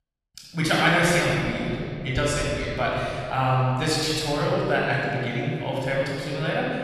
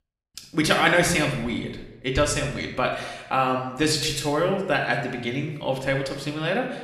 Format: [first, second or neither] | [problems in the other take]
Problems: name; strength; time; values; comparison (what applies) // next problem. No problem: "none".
second | room echo; strong; dies away in 2.7 s; slight in the second // off-mic speech; far; somewhat distant in the second